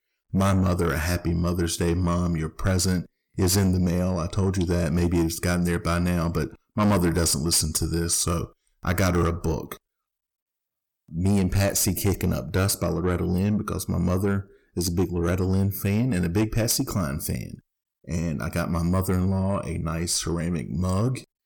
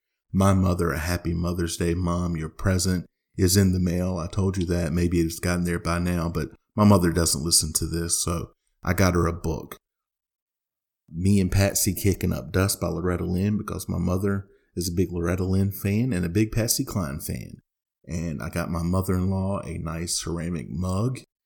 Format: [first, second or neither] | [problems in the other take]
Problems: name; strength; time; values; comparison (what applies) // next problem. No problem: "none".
second | distortion; slight; 10 dB below the speech